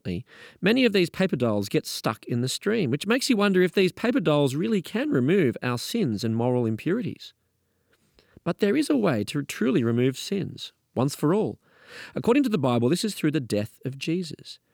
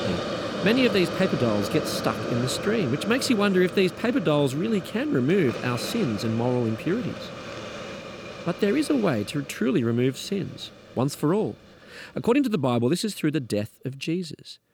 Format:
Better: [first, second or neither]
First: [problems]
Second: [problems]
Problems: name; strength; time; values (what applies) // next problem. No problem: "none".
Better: first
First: none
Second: hiss; loud; throughout; 8 dB below the speech